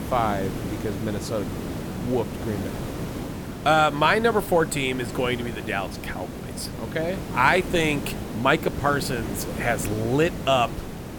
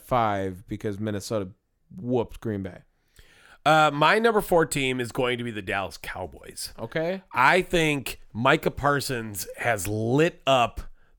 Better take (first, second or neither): second